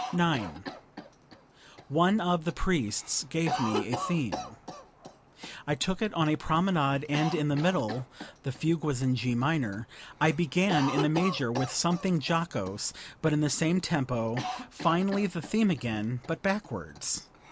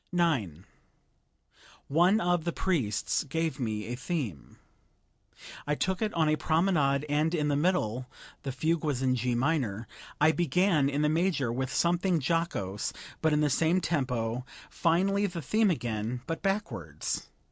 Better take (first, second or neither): second